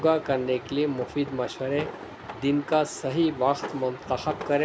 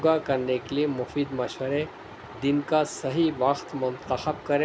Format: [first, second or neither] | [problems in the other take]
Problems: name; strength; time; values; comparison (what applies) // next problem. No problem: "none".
second | background sound (Drawer open or close); 14 dB below the speech